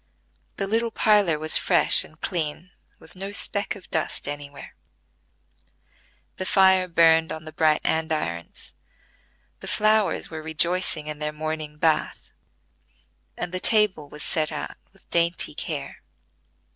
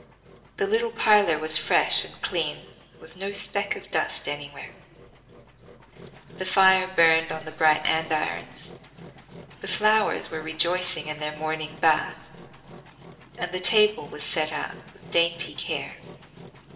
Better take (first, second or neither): first